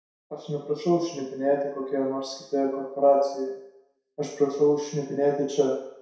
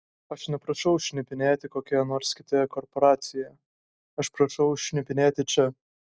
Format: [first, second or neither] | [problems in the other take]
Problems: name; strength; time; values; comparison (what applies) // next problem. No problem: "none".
second | room echo; dies away in 0.7 s